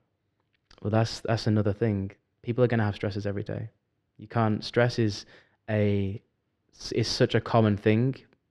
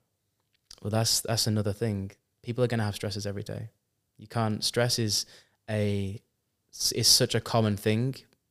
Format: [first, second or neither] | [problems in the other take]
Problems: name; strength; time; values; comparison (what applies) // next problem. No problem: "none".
second | muffled; slightly; fading above 2 kHz